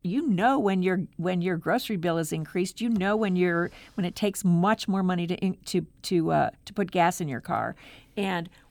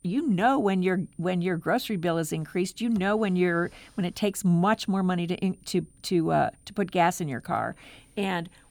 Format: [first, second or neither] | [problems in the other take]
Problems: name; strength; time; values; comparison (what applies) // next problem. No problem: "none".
first | high-pitched whine; faint; throughout; 9 kHz, 35 dB below the speech